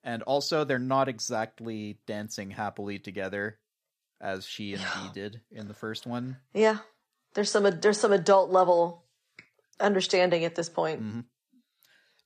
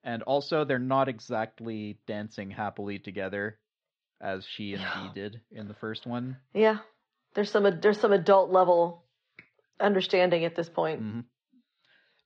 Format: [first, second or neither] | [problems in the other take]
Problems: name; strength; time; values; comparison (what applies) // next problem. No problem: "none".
first | muffled; slightly; fading above 3.5 kHz